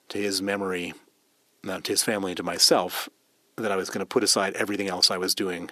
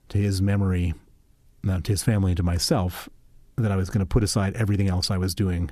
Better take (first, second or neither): second